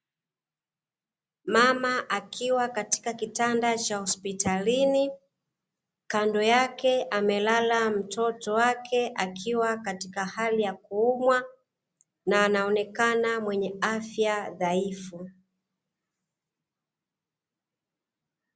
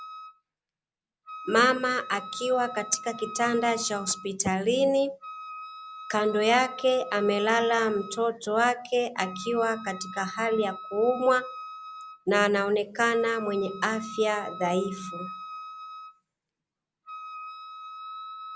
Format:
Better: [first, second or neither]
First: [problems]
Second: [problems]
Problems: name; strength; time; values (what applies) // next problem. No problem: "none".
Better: first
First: none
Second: background sound (Wind instrument, woodwind instrument); 14 dB below the speech